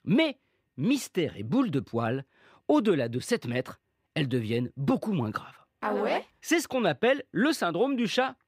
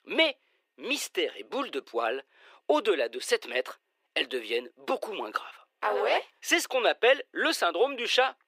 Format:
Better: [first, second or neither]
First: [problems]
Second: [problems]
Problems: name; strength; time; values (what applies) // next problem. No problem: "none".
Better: first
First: none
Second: thin; very; fading below 400 Hz